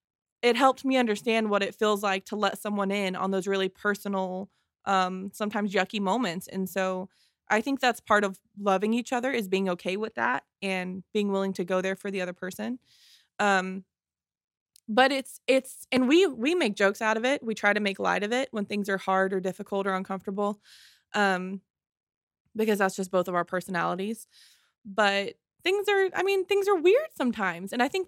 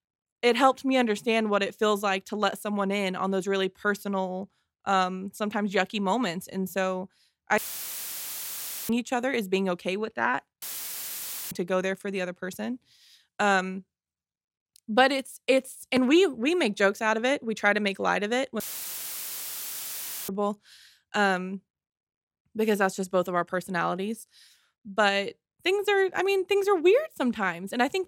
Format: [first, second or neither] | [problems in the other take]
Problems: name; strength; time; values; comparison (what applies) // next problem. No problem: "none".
first | audio cutting out; filled with static; at 7.5 s for 1.5 s, at 11 s for 1 s and at 19 s for 1.5 s